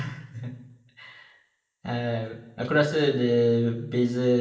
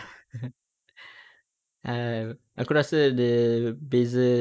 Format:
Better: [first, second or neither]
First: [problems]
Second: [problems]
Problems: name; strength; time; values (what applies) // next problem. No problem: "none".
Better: second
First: room echo; dies away in 0.8 s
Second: none